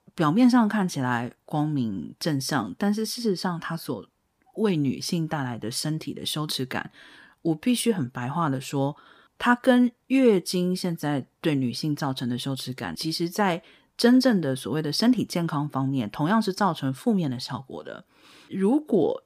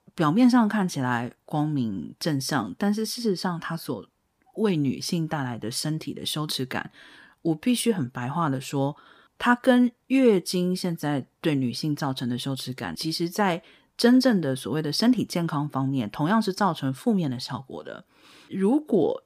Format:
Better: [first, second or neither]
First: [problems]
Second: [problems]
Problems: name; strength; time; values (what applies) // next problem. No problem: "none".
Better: neither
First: none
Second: none